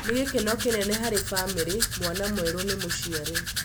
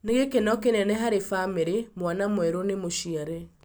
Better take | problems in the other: second | background sound (Domestic sounds, home sounds); 2 dB below the speech

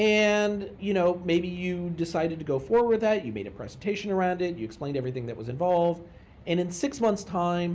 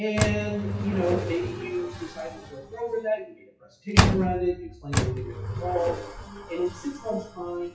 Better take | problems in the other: first | noise reduction (classical method WPE with log-MMSE)

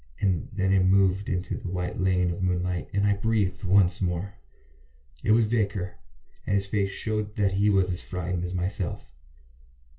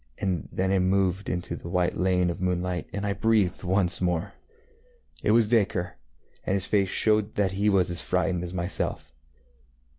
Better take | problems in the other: second | room echo; dies away in 0.2 s

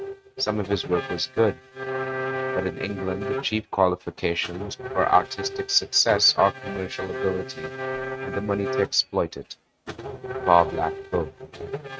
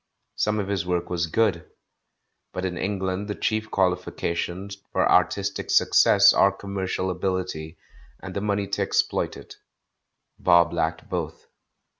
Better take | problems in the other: second | noise reduction (neural mask model RNNoise)

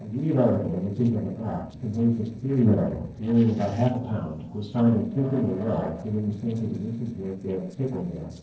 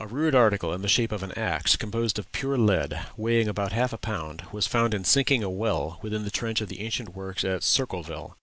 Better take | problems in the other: second | noise reduction (neural separator model SepFormer DNS4)

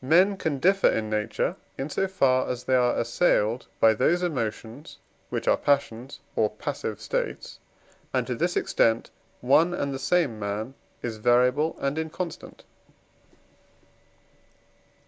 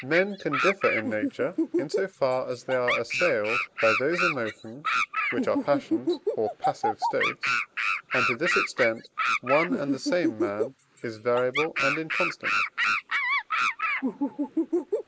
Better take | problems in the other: first | noise reduction (neural mask model Resemble Enhance denoiser)

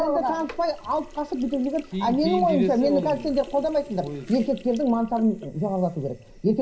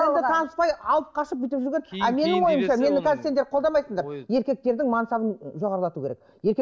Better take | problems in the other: second | background sound (Sink (filling or washing)); 19 dB below the speech // room echo; dies away in 0.4 s

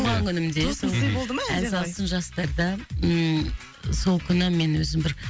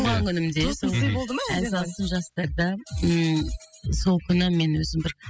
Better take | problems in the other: first | noise reduction (classical method spectral subtraction)

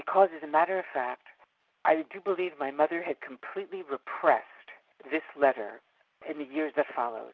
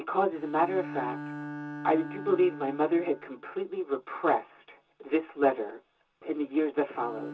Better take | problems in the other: first | background sound (Bowed string instrument); 13 dB below the speech // room echo; dies away in 0.2 s

